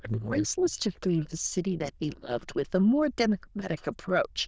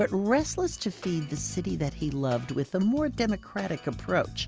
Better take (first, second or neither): second